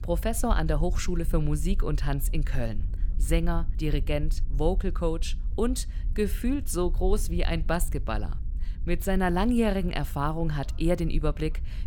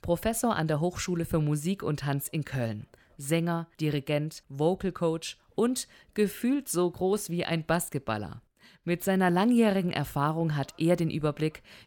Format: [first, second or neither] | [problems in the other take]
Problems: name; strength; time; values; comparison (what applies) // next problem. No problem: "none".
second | low rumble; faint; throughout; 20 dB below the speech